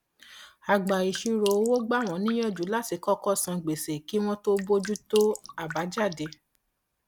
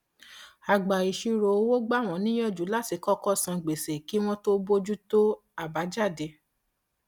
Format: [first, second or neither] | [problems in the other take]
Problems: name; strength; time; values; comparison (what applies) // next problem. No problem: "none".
second | background sound (Drip); 15 dB below the speech